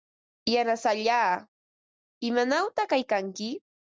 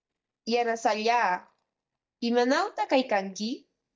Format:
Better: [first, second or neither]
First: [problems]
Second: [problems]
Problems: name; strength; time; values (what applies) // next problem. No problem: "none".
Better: first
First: none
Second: noise reduction (neural mask model DeepFilterNet 3)